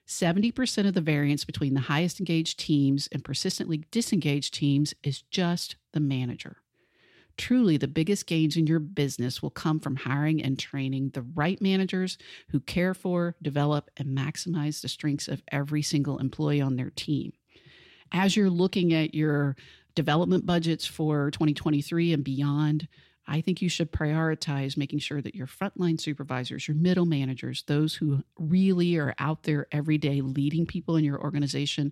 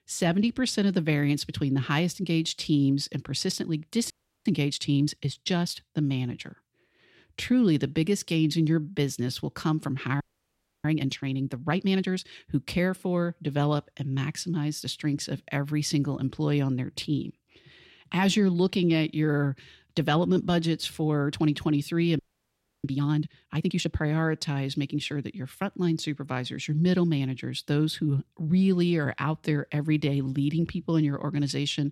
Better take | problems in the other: first | audio freezing; at 4 s, at 10 s for 0.5 s and at 22 s for 0.5 s

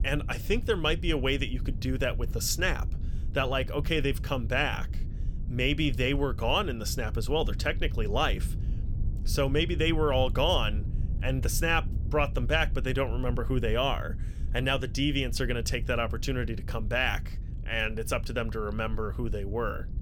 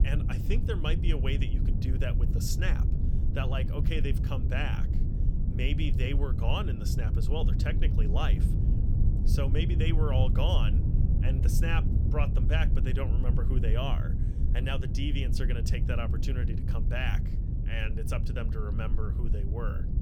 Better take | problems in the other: first | low rumble; loud; throughout; 6 dB below the speech; faint in the first

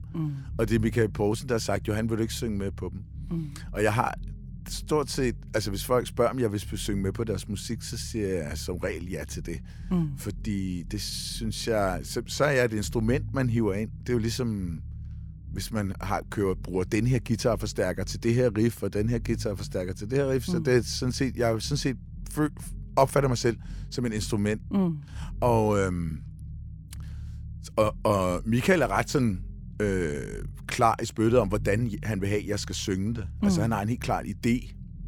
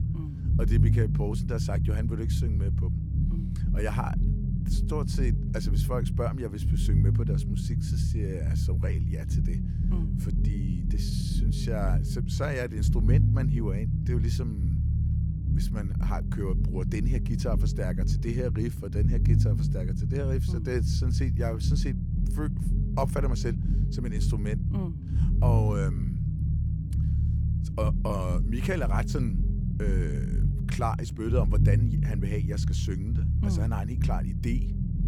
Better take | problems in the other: first | low rumble; loud; throughout; 3 dB below the speech; faint in the first

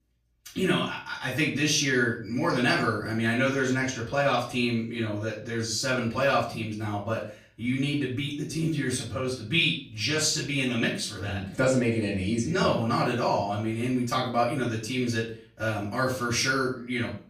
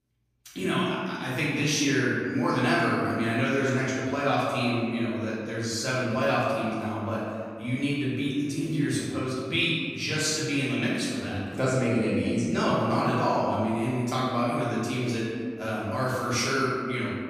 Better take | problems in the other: first | room echo; strong; dies away in 1.9 s; slight in the first // off-mic speech; far; far in the first

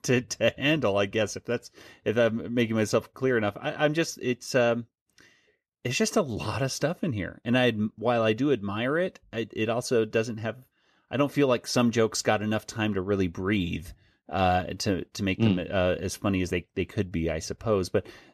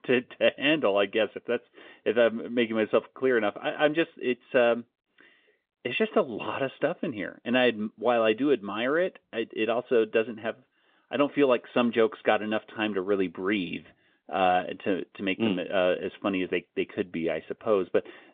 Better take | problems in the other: first | phone-call audio; nothing above 3 kHz

